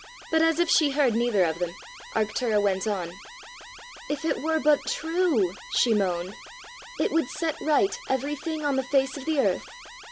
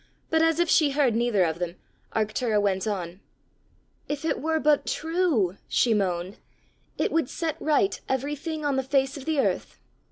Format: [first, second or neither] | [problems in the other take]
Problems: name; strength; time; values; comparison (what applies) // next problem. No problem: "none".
second | background sound (Alarm); 17 dB below the speech